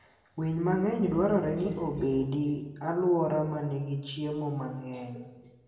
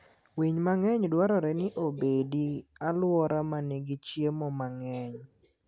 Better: second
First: background sound (Animal); 20 dB below the speech // room echo; dies away in 1 s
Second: none

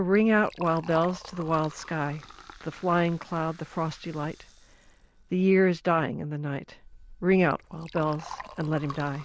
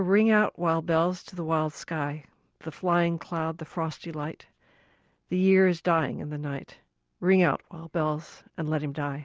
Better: second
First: background sound (Liquid); 19 dB below the speech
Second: none

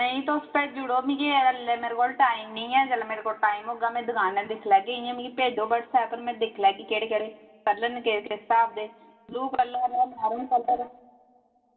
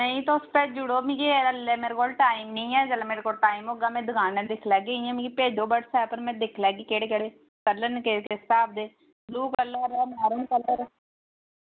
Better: second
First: room echo; dies away in 1.4 s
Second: none

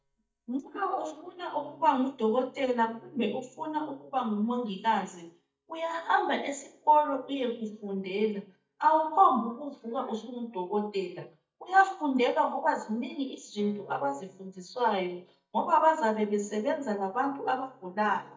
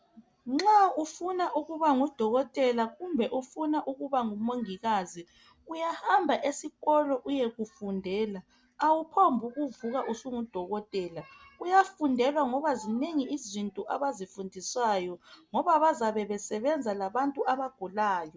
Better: second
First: noise reduction (neural mask model DeepFilterNet 3)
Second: none

